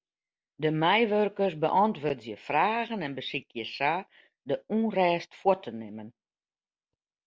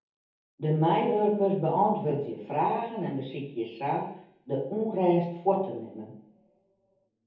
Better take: first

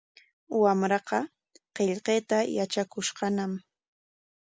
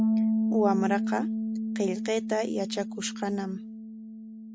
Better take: first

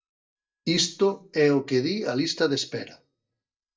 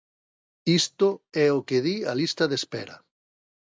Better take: second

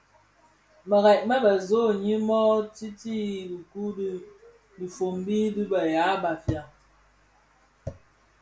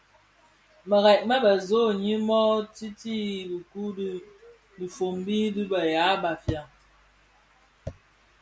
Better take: second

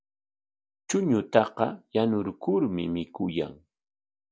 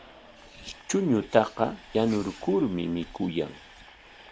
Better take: first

